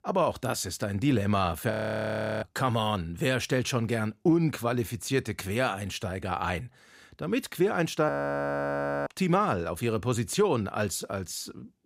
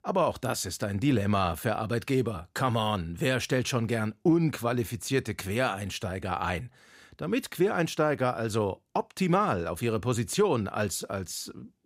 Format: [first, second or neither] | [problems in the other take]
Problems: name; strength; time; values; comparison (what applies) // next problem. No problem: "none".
second | audio freezing; at 1.5 s for 0.5 s and at 8 s for 1 s